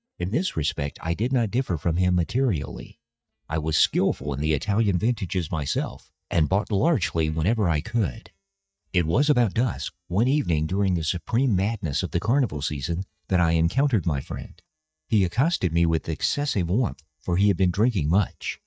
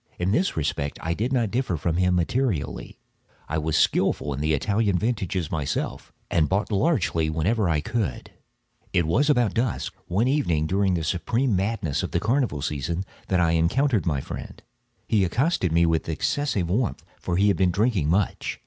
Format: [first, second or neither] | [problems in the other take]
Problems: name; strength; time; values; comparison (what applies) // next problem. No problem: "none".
second | noise reduction (neural mask model DeepFilterNet 3)